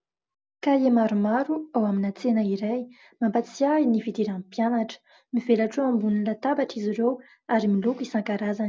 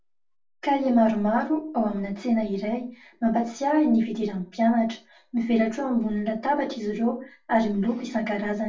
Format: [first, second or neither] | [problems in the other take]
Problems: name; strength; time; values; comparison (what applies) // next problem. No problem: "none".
first | room echo; dies away in 0.3 s